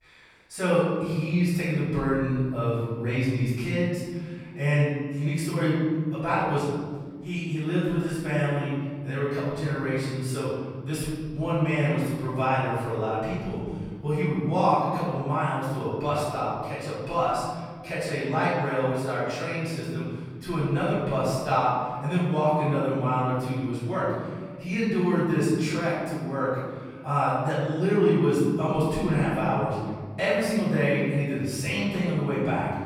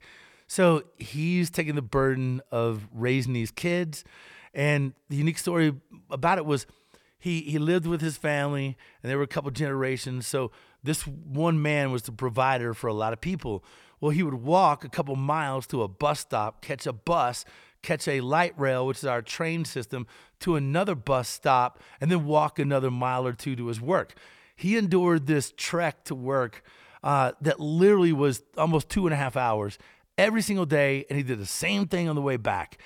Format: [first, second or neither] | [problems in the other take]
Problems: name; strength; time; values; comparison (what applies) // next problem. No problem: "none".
second | off-mic speech; far // room echo; strong; dies away in 1.9 s